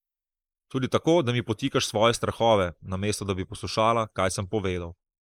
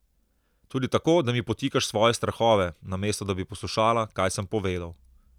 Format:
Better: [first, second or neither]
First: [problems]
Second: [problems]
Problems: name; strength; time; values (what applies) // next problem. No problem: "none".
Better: second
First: noise reduction (neural mask model Resemble Enhance denoiser)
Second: none